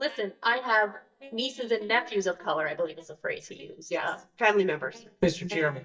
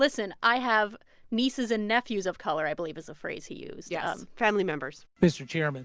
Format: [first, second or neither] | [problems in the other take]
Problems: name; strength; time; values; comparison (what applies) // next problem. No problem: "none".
second | noise reduction (neural mask model DeepFilterNet 3)